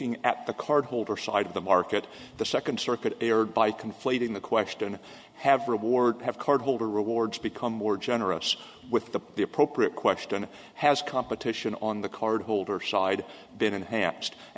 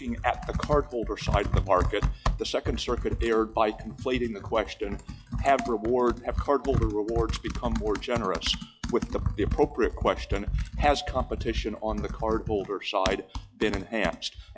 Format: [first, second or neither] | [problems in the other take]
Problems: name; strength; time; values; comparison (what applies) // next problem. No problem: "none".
first | noise reduction (classical method log-MMSE)